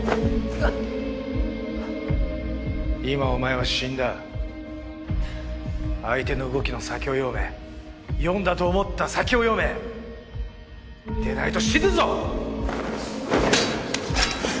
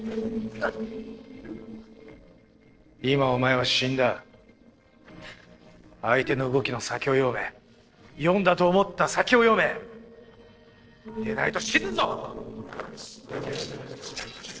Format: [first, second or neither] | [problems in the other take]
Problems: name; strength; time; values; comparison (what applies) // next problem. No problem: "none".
first | noise reduction (neural separator model SepFormer DNS4)